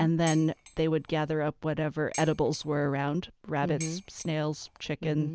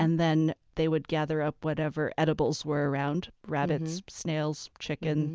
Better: second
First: background sound (Dishes, pots, and pans); 17 dB below the speech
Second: none

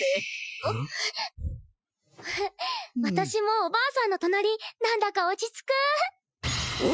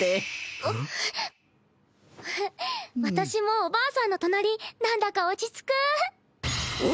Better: second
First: noise reduction (classical method Wiener filter)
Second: none

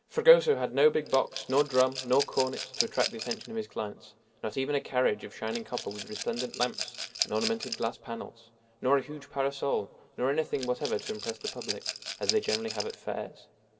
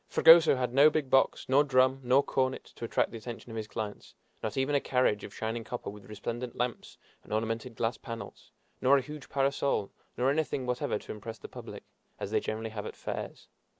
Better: second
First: background sound (Rattle / Glass); 8 dB below the speech // room echo; dies away in 1.9 s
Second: none

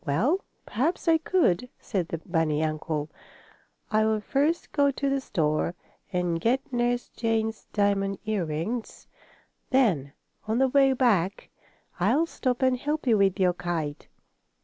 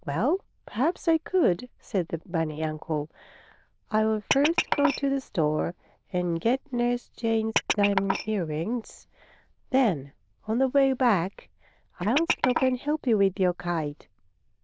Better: first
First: none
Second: noise reduction (neural diffusion model UNIVERSE++)

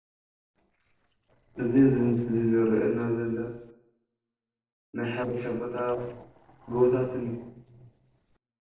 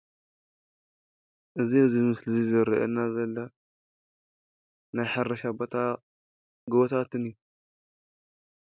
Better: second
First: noise reduction (neural separator model SepFormer DNS4)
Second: none

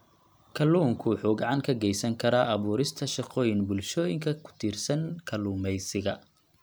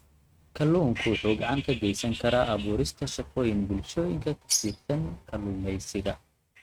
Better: first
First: none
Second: noise reduction (neural mask model RNNoise)

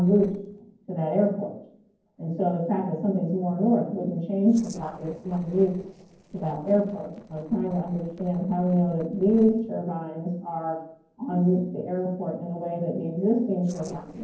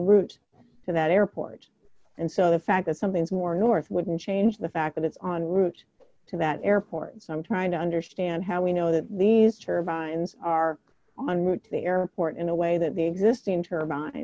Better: second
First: noise reduction (neural separator model SepFormer DNS4)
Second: none

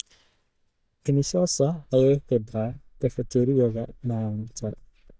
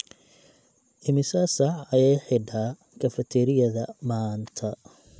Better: second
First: noise reduction (neural mask model DeepFilterNet 3)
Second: none

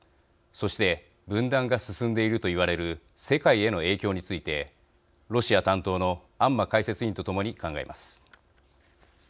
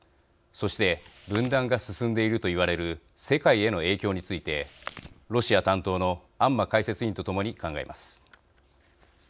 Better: first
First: none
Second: background sound (Chewing, mastication); 19 dB below the speech

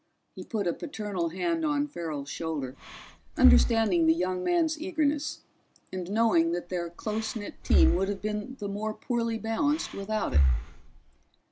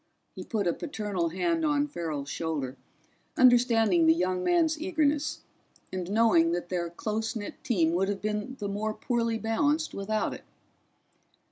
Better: second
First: background sound (Breathing); 1 dB below the speech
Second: none

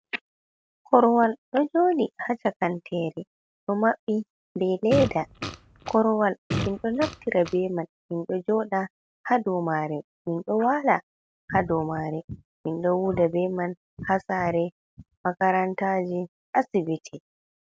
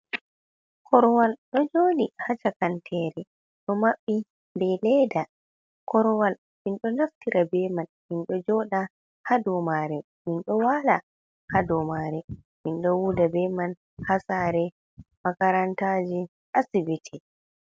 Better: second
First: background sound (Fart); 7 dB below the speech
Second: none

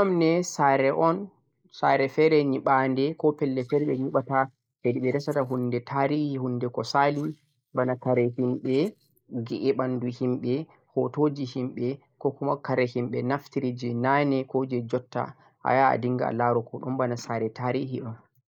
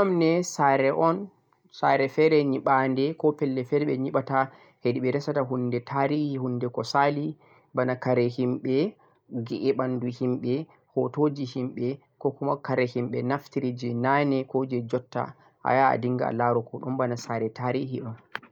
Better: second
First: noise reduction (neural mask model Resemble Enhance denoiser)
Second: none

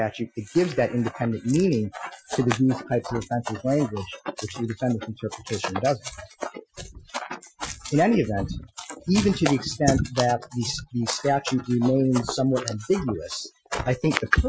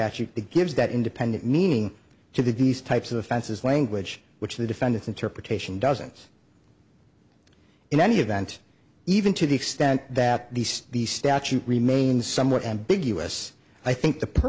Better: second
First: noise reduction (classical method Wiener filter)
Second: none

